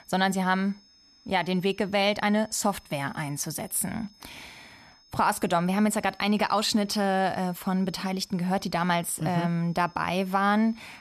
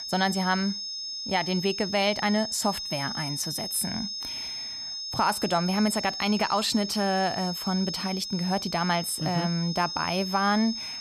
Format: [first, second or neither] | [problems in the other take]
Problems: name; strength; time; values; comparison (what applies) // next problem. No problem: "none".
first | high-pitched whine; loud; throughout; 5 kHz, 5 dB below the speech; faint in the first